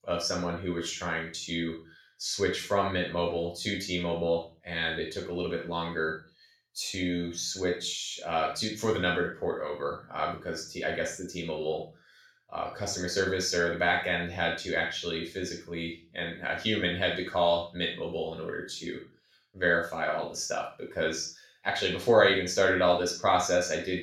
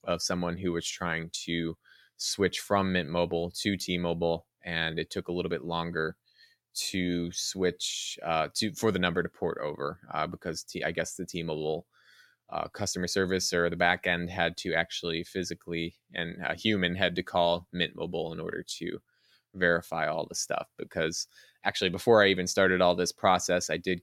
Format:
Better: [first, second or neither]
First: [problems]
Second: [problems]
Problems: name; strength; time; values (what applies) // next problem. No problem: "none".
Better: second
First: room echo; noticeable; dies away in 0.3 s // off-mic speech; far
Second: none